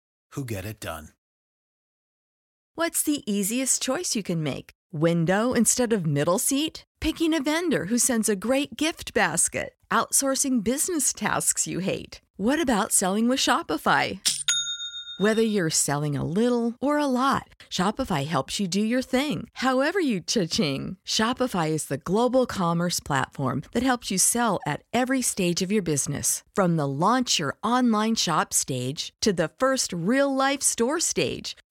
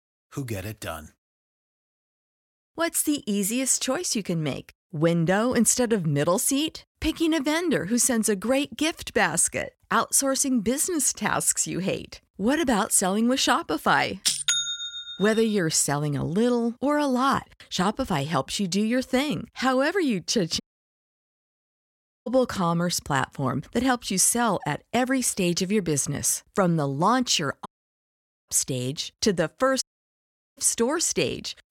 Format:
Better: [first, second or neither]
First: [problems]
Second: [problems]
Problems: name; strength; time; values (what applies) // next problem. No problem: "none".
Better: first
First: none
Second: audio cutting out; at 21 s for 1.5 s, at 28 s for 1 s and at 30 s for 1 s